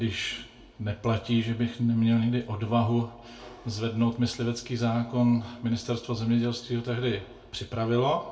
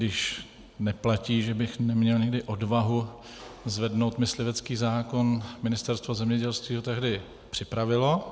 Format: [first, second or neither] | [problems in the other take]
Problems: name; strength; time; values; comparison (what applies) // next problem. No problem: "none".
second | room echo; dies away in 0.3 s